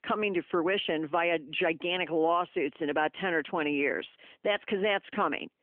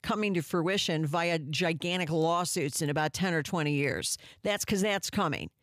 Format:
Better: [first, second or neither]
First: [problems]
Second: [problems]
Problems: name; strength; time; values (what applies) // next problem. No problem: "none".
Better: second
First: phone-call audio; nothing above 3 kHz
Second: none